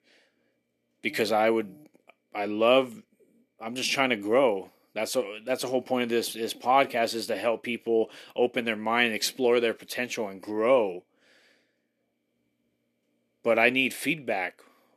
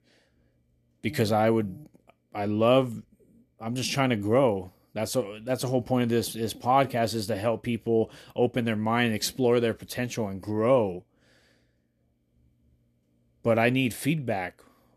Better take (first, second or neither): second